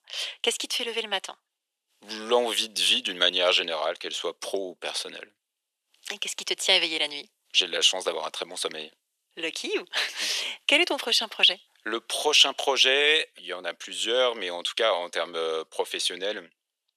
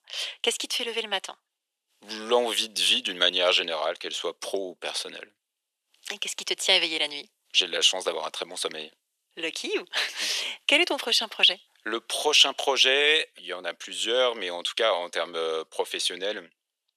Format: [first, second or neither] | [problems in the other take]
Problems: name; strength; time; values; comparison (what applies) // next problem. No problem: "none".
neither | thin; very; fading below 450 Hz; the same in both